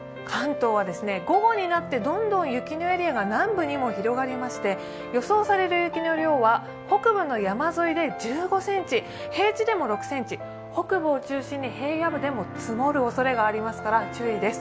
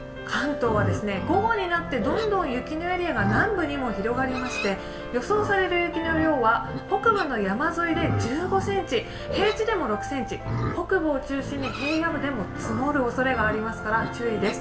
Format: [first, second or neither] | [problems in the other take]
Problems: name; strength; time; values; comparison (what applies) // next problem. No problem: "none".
first | background sound (Livestock, farm animals, working animals); 8 dB below the speech // room echo; dies away in 0.6 s